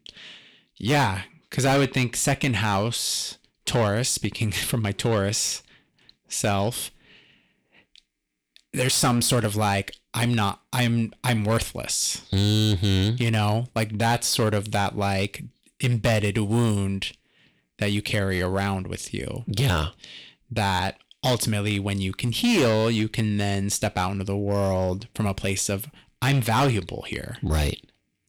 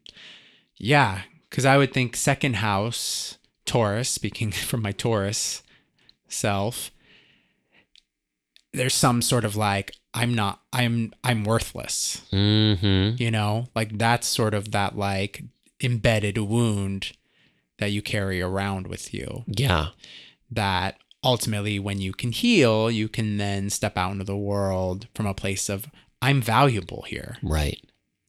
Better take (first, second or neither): second